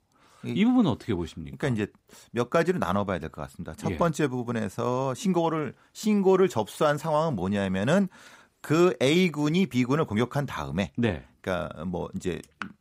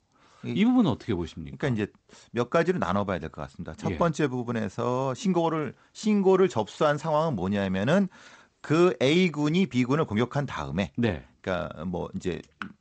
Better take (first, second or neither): first